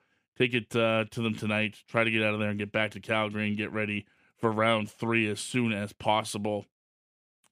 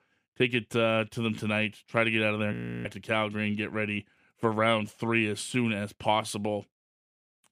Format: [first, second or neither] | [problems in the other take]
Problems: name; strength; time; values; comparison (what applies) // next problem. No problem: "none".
first | audio freezing; at 2.5 s